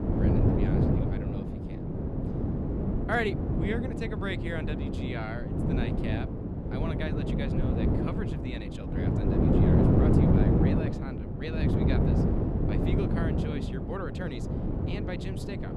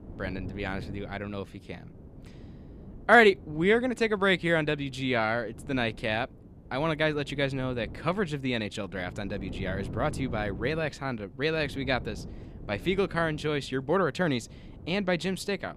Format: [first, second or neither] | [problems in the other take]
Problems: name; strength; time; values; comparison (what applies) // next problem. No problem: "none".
second | wind noise on the microphone; heavy; 3 dB above the speech; occasional gusts in the second